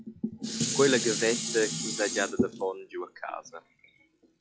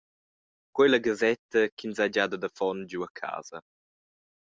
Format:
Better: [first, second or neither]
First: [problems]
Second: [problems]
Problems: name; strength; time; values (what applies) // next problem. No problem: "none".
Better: second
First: noise reduction (classical method log-MMSE)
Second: none